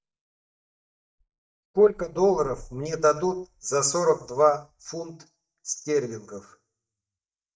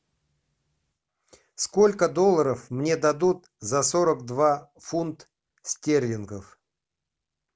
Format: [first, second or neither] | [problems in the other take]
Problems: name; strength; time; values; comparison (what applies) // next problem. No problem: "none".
second | noise reduction (neural mask model DeepFilterNet 3)